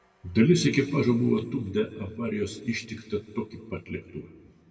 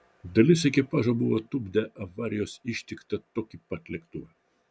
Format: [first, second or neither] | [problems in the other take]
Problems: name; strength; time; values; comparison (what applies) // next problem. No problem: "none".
second | room echo; dies away in 1.7 s